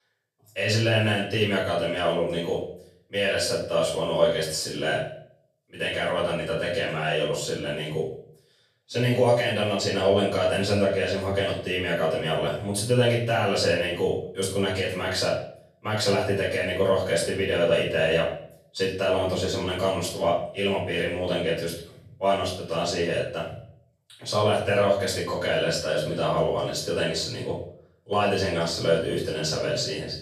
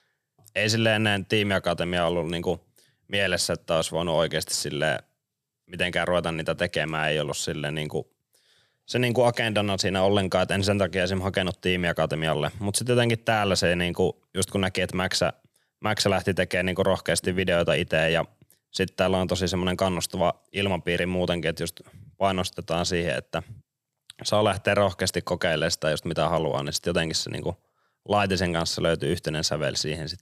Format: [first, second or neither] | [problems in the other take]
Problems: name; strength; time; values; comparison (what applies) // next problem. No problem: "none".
second | off-mic speech; far // room echo; noticeable; dies away in 0.5 s